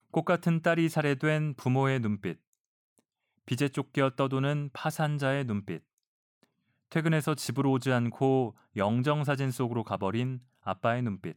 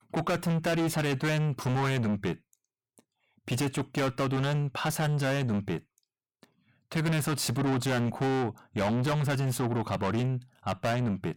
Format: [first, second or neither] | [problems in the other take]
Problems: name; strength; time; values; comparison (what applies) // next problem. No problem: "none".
first | distortion; heavy; 6 dB below the speech